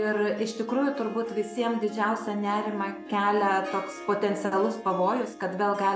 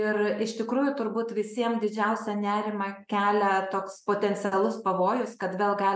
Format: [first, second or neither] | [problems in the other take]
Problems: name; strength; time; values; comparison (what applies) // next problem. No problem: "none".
second | background sound (Harp); 14 dB below the speech